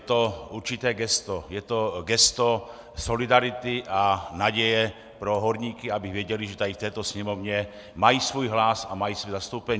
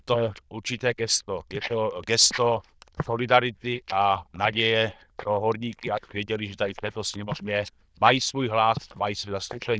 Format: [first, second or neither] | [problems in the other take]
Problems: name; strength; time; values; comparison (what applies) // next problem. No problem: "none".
first | noise reduction (neural diffusion model UNIVERSE++)